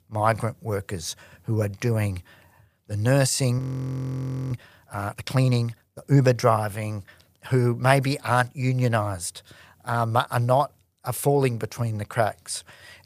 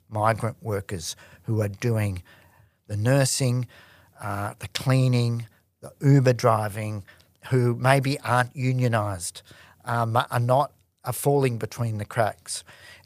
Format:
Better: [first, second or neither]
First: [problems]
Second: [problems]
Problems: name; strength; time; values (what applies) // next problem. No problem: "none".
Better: second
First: audio freezing; at 3.5 s for 1 s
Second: none